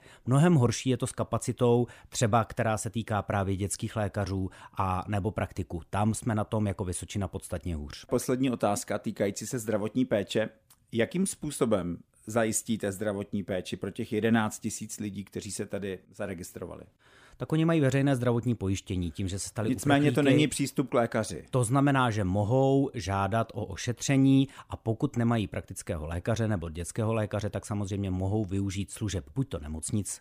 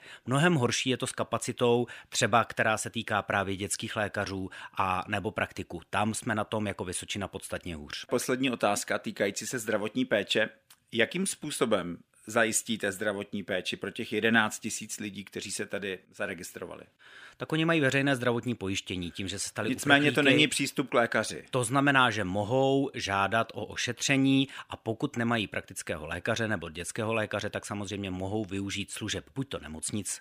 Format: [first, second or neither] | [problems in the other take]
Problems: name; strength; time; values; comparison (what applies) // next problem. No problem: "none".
first | thin; very slightly; fading below 500 Hz